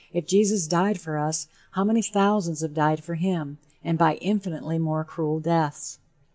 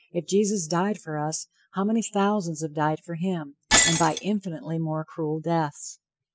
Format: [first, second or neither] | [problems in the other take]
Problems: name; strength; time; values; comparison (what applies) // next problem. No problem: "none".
first | noise reduction (classical method spectral subtraction)